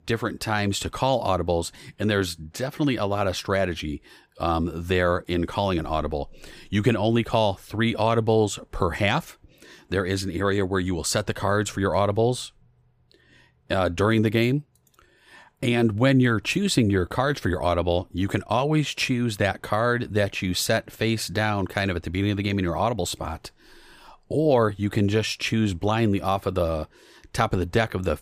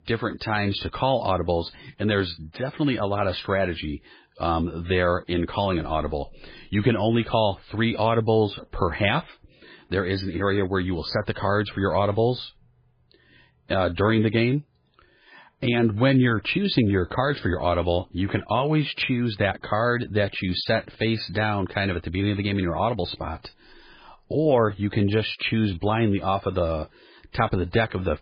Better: first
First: none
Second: garbled, watery; badly; nothing above 4 kHz

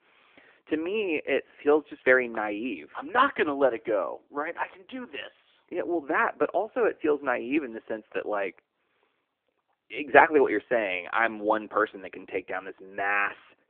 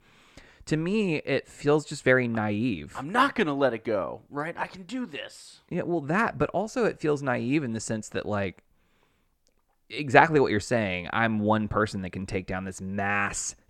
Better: second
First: phone-call audio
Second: none

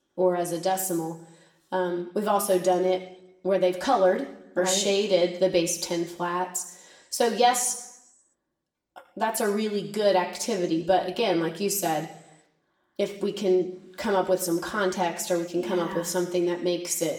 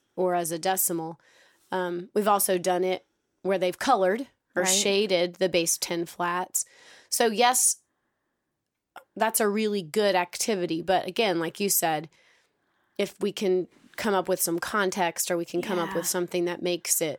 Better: second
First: room echo; slight; dies away in 0.8 s // off-mic speech; somewhat distant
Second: none

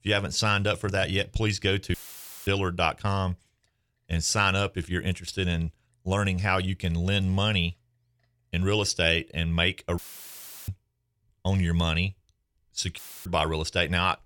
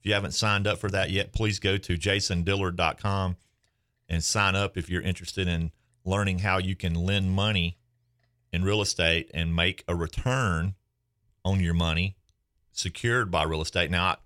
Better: second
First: audio cutting out; filled with static; at 2 s for 0.5 s, at 10 s for 0.5 s and at 13 s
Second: none

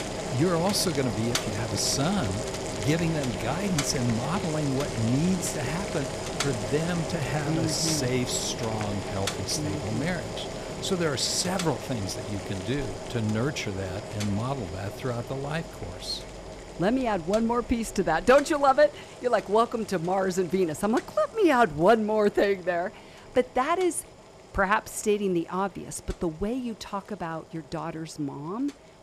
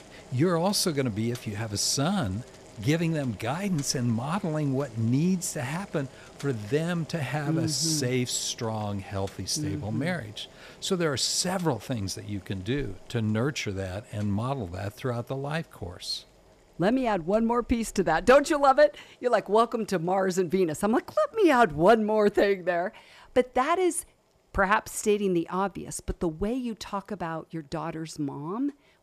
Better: second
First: household noises; loud; throughout; 7 dB below the speech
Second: household noises; faint; throughout; 25 dB below the speech

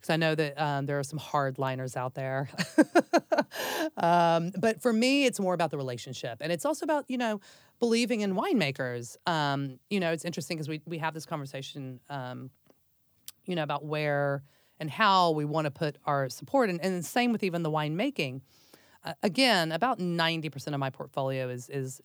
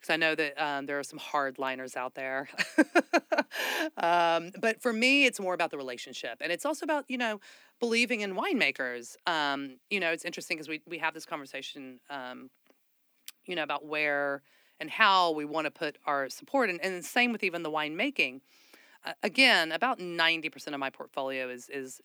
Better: first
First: none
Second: thin; very slightly; fading below 250 Hz

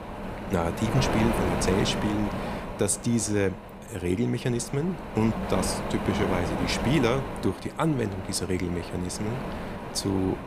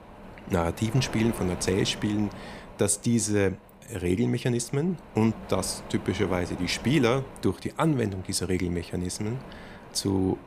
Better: second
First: wind noise on the microphone; heavy; 3 dB below the speech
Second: wind noise on the microphone; occasional gusts; 15 dB below the speech

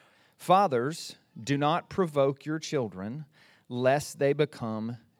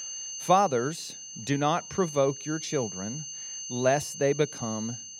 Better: first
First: none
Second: high-pitched whine; loud; throughout; 6.5 kHz, 9 dB below the speech

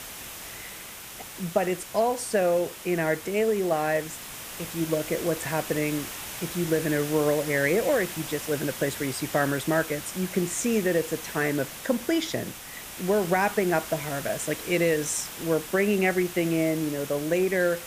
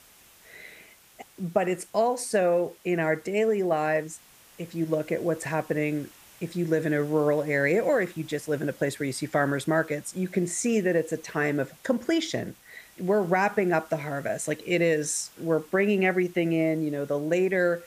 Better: second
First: hiss; loud; throughout; 10 dB below the speech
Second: hiss; faint; throughout; 25 dB below the speech

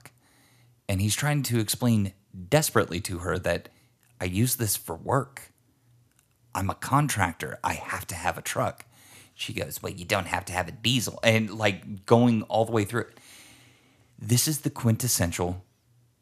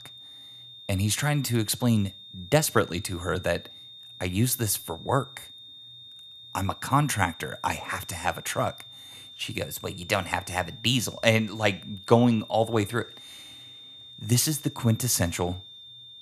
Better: first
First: none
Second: high-pitched whine; noticeable; throughout; 3.5 kHz, 15 dB below the speech

